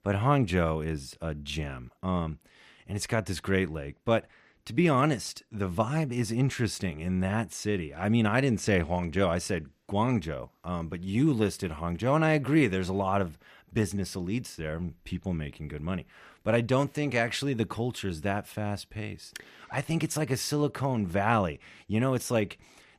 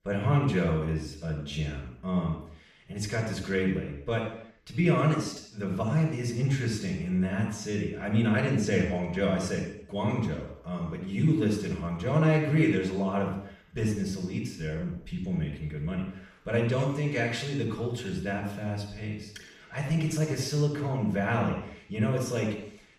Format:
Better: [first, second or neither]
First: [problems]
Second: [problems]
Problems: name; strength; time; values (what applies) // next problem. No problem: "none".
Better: first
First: none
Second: room echo; noticeable; dies away in 0.7 s // off-mic speech; far